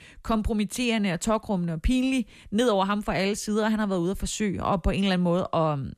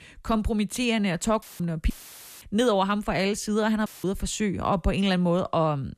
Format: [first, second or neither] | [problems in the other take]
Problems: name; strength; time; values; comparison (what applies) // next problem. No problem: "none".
first | audio cutting out; filled with static; at 1.5 s, at 2 s for 0.5 s and at 4 s